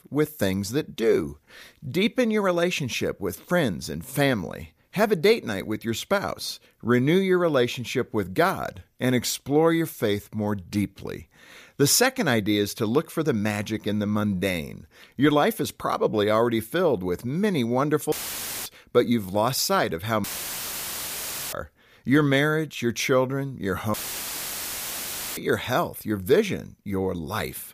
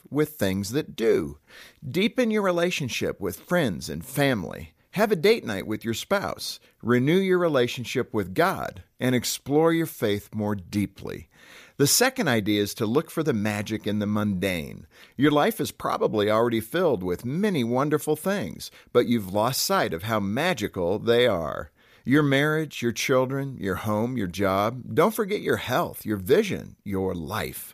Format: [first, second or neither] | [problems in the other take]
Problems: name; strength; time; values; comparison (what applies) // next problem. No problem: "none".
second | audio cutting out; filled with static; at 18 s for 0.5 s, at 20 s for 1.5 s and at 24 s for 1.5 s